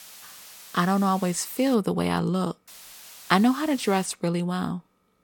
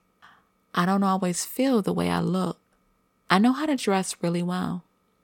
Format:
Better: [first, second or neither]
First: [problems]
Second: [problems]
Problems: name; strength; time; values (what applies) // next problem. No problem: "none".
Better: second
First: hiss; noticeable; until 2 s and from 2.5 to 4 s; 20 dB below the speech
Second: none